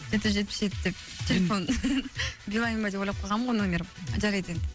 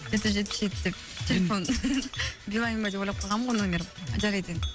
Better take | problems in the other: first | background sound (Cutlery, silverware + Chink, clink); 14 dB below the speech

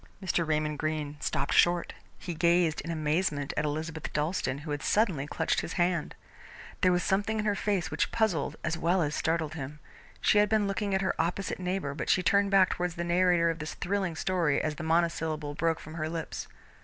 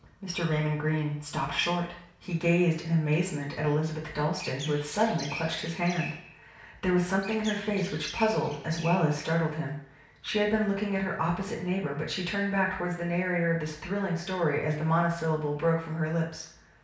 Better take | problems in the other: first | background sound (Chirp, tweet); 14 dB below the speech // room echo; dies away in 0.6 s

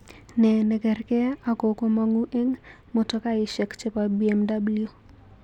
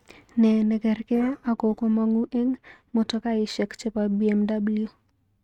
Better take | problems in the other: first | noise reduction (neural mask model RNNoise)

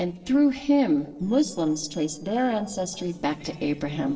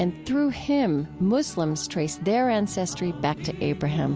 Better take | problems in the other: second | noise reduction (neural separator model SepFormer DNS4)

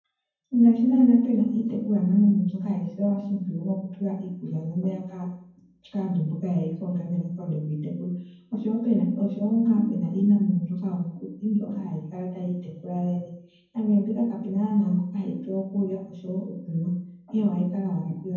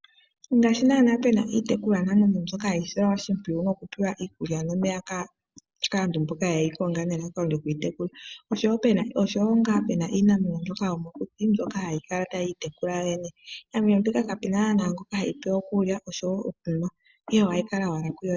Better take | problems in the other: second | room echo; dies away in 0.9 s

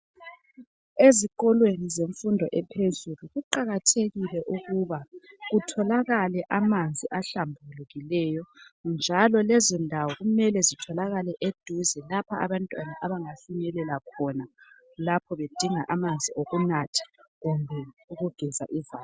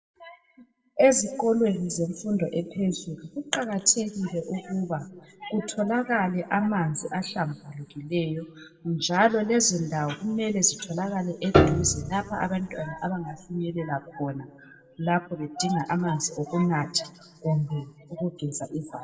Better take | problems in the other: first | background sound (Piano); 1 dB above the speech // room echo; dies away in 1.3 s

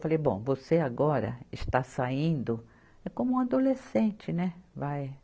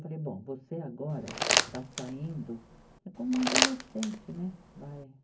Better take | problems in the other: first | background sound (Crumpling, crinkling); 4 dB above the speech // room echo; dies away in 0.3 s

